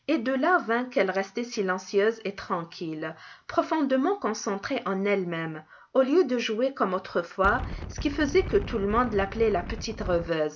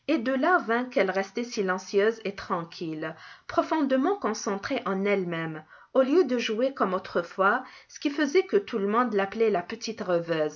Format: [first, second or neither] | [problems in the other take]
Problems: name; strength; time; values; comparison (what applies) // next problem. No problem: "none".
second | background sound (Wind); 8 dB below the speech